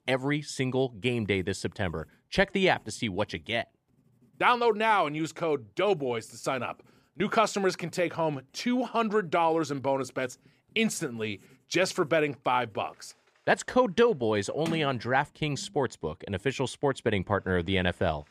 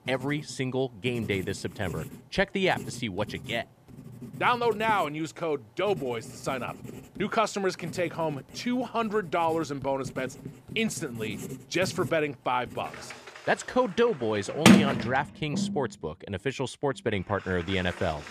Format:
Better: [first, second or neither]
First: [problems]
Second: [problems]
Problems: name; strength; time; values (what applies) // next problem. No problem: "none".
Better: first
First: household noises; faint; throughout; 25 dB below the speech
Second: household noises; loud; throughout; 2 dB below the speech